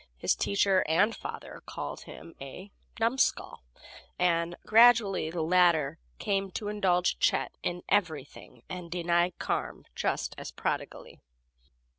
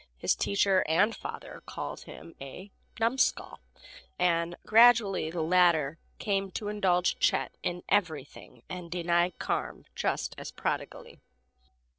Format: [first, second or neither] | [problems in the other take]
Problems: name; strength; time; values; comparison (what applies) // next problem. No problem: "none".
first | noise reduction (neural separator model SepFormer DNS4)